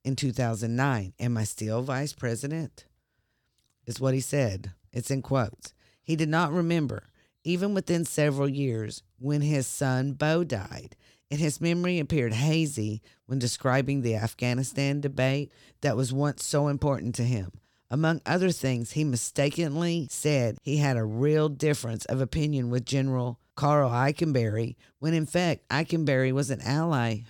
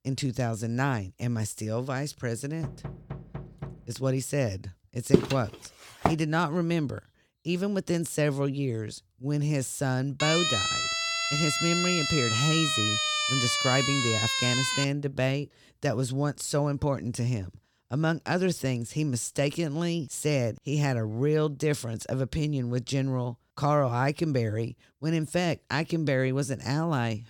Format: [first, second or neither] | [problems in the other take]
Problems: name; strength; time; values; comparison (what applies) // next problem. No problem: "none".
first | door banging; faint; from 2.5 to 4 s; peak 10 dB below the speech // footsteps; loud; at 5 s; peak 4 dB above the speech // siren; loud; from 10 to 15 s; peak 4 dB above the speech